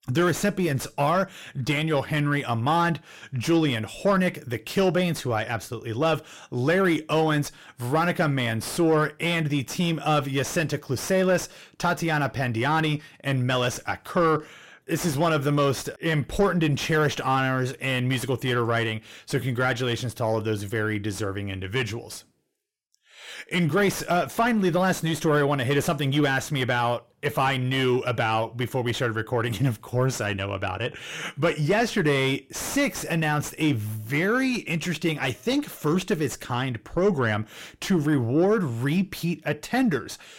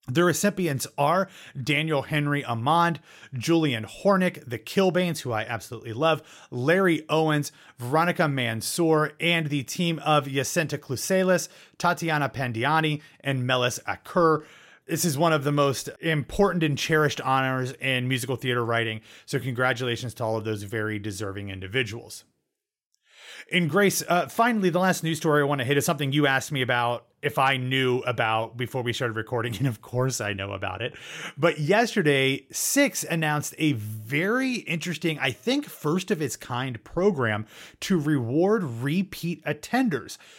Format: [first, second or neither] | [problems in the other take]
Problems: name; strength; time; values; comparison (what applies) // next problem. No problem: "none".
second | distortion; slight; 10 dB below the speech